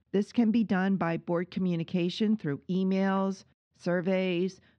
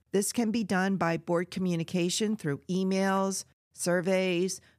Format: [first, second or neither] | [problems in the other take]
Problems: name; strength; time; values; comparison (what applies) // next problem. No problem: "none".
second | muffled; slightly; fading above 4 kHz